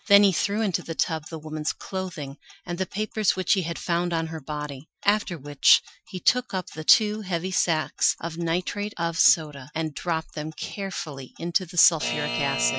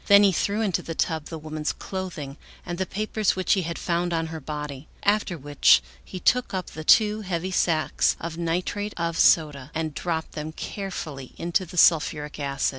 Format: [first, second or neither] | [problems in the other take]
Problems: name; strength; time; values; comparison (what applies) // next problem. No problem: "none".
second | noise reduction (classical method Wiener filter)